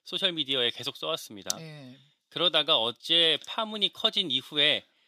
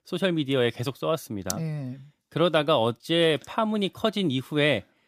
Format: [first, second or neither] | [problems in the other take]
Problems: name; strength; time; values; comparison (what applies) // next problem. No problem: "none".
second | thin; very slightly; fading below 850 Hz